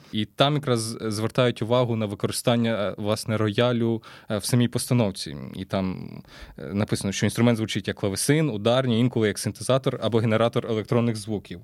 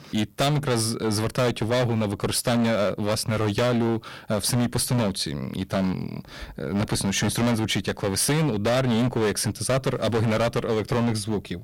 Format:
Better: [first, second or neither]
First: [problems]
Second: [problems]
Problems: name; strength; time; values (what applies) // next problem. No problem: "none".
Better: first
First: none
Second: distortion; heavy; 19% of the sound clipped